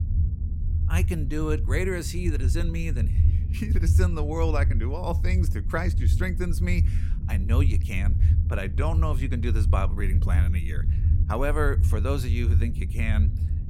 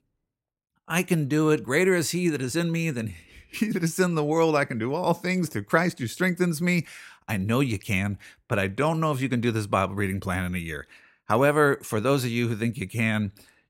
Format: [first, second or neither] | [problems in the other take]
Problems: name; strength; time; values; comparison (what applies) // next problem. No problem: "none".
second | low rumble; loud; throughout; 9 dB below the speech